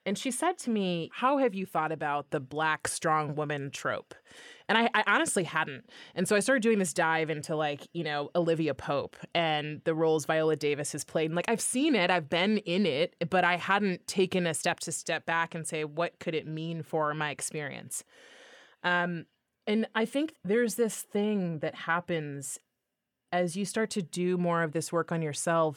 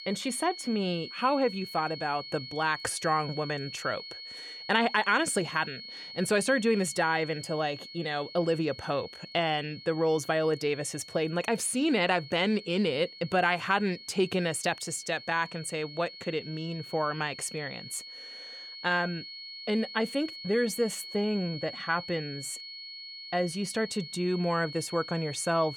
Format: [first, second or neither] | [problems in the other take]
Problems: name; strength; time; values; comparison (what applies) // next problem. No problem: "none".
first | high-pitched whine; noticeable; throughout; 4.5 kHz, 10 dB below the speech